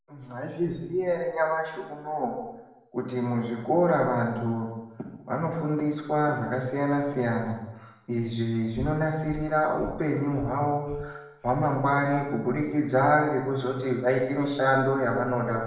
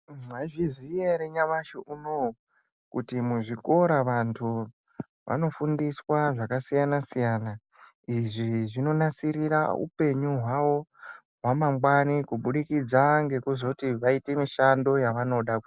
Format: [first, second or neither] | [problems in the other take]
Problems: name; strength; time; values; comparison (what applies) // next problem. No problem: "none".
second | background sound (Breathing); 16 dB below the speech // room echo; dies away in 0.9 s